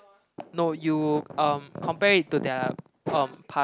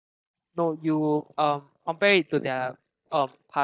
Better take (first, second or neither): first